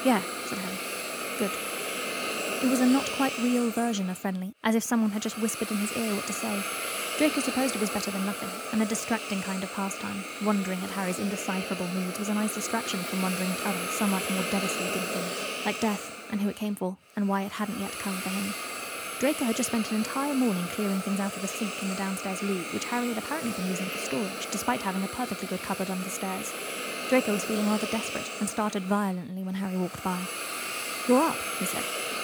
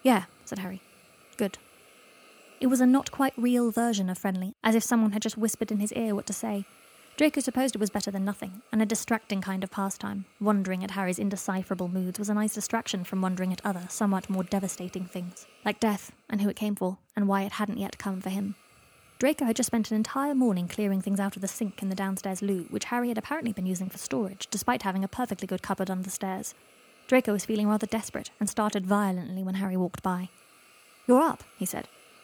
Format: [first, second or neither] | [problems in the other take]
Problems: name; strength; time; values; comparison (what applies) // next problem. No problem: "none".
second | hiss; loud; throughout; 3 dB below the speech; faint in the second